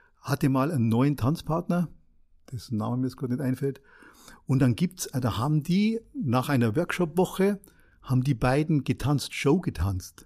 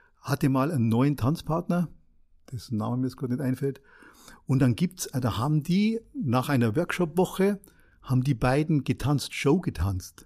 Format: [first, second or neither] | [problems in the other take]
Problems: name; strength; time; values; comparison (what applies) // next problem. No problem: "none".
neither | none